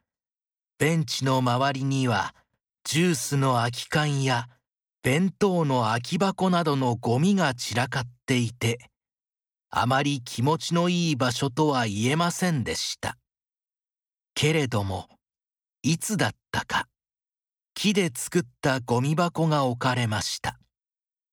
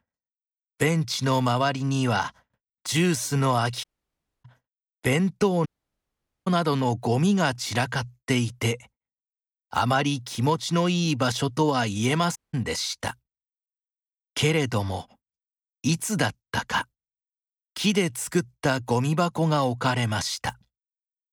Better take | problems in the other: first | audio cutting out; at 4 s for 0.5 s, at 5.5 s for 1 s and at 12 s

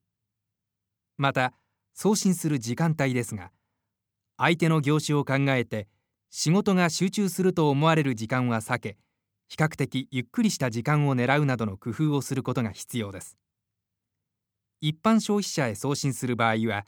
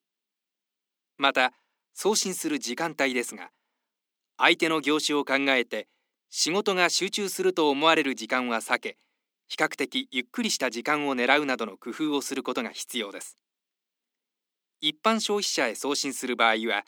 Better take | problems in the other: first | thin; somewhat; fading below 250 Hz

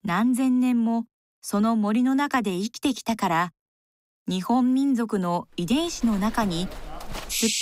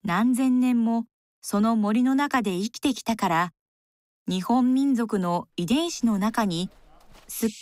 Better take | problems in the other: second | animal sounds; loud; from 6 s on; 8 dB below the speech; faint in the second

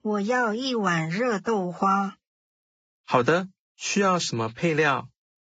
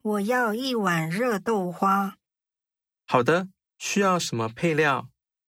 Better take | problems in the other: second | garbled, watery; badly; nothing above 7.5 kHz

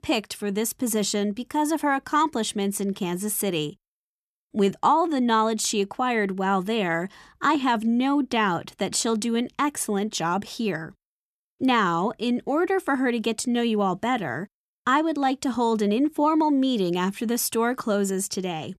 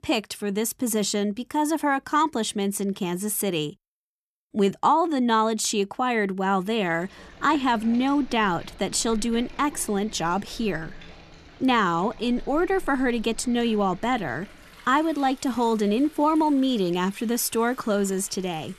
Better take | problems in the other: first | rain or running water; faint; from 7 s on; 20 dB below the speech

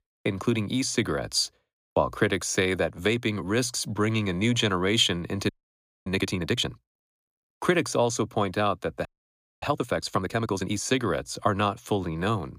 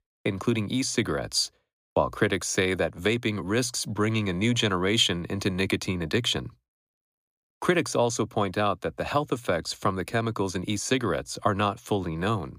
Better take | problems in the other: second | audio freezing; at 5.5 s for 0.5 s and at 9 s for 0.5 s

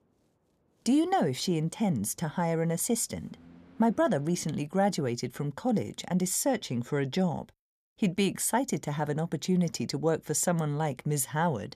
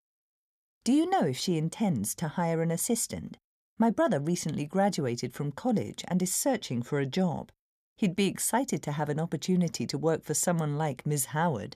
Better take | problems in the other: second | train or aircraft noise; faint; until 4.5 s; 30 dB below the speech

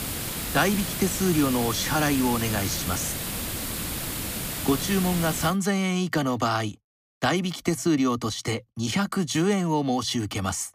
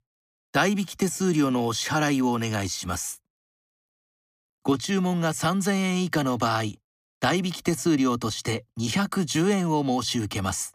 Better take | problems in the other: second | hiss; loud; until 5.5 s; 4 dB below the speech

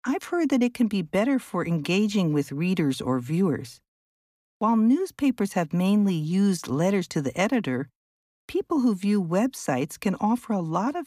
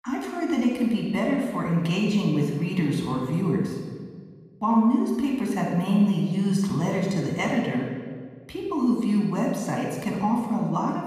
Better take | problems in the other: first | room echo; noticeable; dies away in 1.4 s // off-mic speech; somewhat distant

